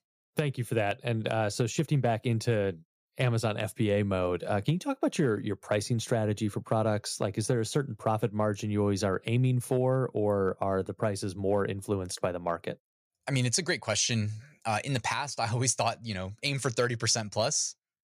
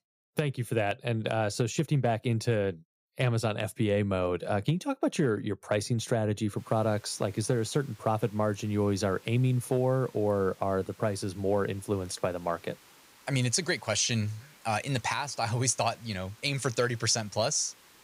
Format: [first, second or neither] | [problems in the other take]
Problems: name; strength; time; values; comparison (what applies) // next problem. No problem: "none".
first | hiss; faint; from 6.5 s on; 25 dB below the speech